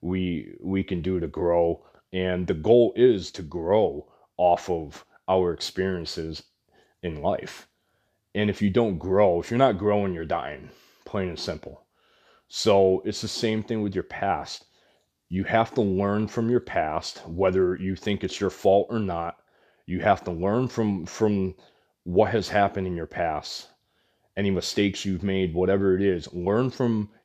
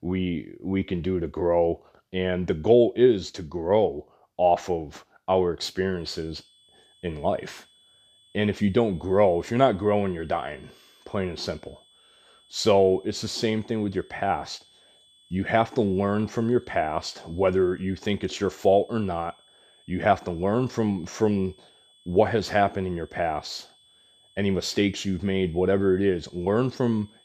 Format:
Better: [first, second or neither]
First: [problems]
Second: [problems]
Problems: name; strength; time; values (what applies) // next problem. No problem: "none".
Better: first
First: none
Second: high-pitched whine; faint; from 6 s on; 3.5 kHz, 30 dB below the speech